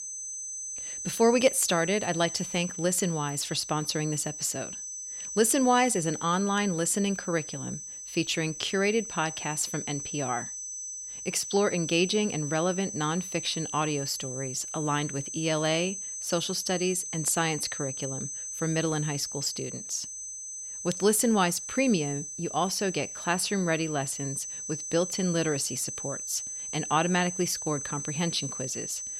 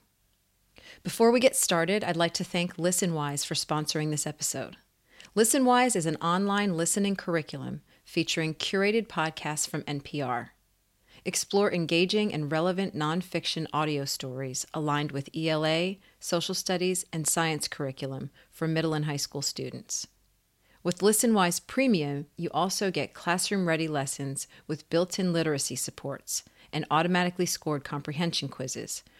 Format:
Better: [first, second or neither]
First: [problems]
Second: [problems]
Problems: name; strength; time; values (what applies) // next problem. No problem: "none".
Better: second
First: high-pitched whine; loud; throughout; 6 kHz, 6 dB below the speech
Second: none